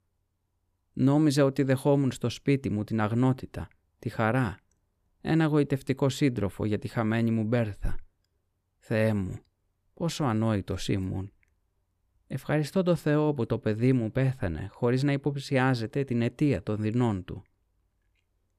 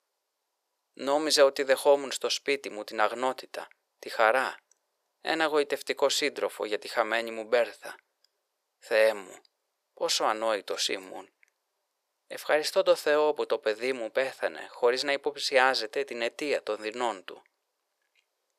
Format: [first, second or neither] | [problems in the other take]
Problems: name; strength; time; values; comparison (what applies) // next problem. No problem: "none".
first | thin; very; fading below 500 Hz